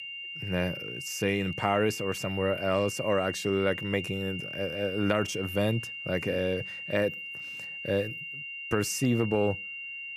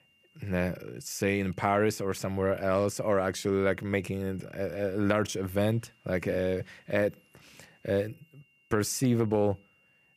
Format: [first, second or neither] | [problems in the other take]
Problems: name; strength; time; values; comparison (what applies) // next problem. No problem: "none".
second | high-pitched whine; loud; throughout; 3 kHz, 7 dB below the speech; faint in the second